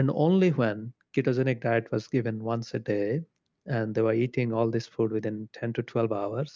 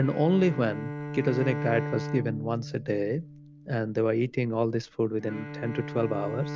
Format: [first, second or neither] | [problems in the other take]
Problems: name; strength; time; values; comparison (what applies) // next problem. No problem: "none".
first | background sound (Bowed string instrument); 9 dB below the speech